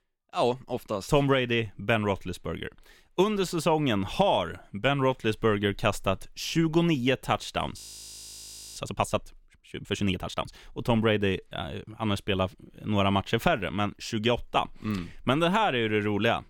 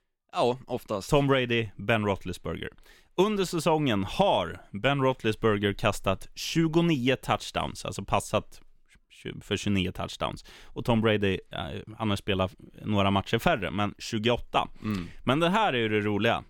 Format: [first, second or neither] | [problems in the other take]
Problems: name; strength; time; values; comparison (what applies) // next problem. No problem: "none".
second | audio freezing; at 8 s for 1 s